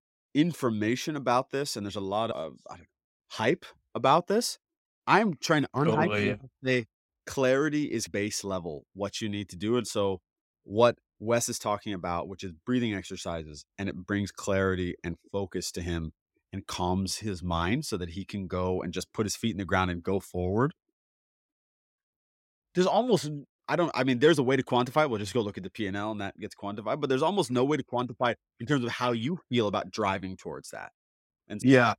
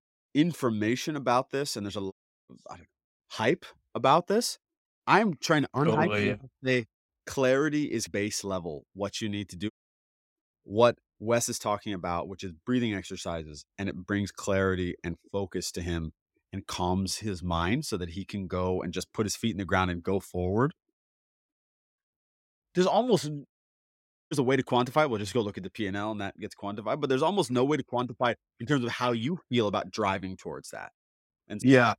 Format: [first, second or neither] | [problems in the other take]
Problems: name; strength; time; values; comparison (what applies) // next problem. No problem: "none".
first | audio cutting out; at 2 s, at 9.5 s for 0.5 s and at 24 s for 1 s